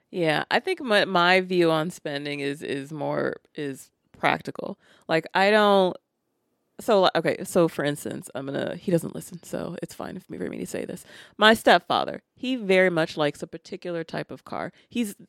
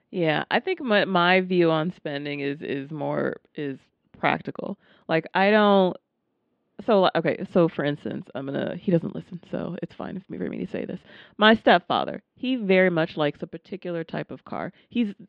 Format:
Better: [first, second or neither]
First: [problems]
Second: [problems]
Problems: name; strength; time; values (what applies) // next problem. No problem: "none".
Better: first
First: none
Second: muffled; slightly; fading above 3.5 kHz